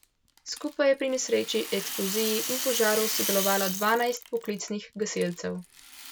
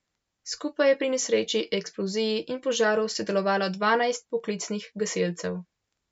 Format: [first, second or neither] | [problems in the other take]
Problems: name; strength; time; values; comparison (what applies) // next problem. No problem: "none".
second | background sound (Rattle); 6 dB below the speech